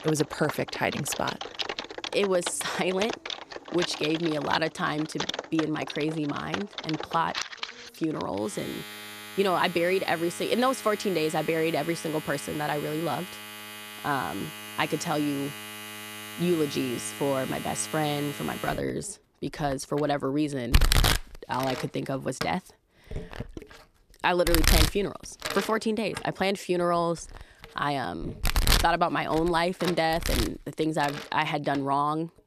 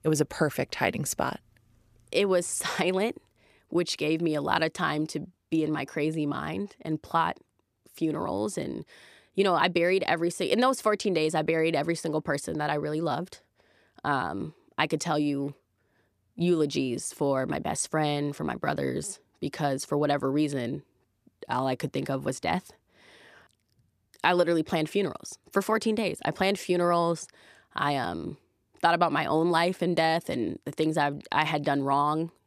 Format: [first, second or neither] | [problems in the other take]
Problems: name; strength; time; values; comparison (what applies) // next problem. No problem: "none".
second | household noises; loud; throughout; 5 dB below the speech